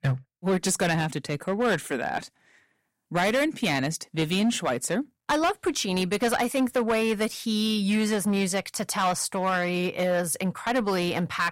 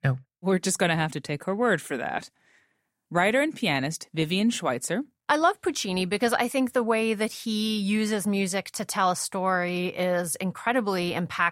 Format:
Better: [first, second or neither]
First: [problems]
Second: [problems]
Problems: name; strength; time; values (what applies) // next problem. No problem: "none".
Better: second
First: distortion; slight; 8% of the sound clipped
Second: none